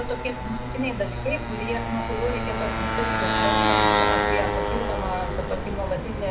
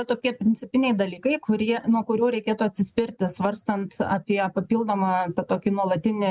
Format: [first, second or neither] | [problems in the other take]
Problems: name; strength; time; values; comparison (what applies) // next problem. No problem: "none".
second | background sound (Motorcycle); 5 dB above the speech // room echo; dies away in 0.3 s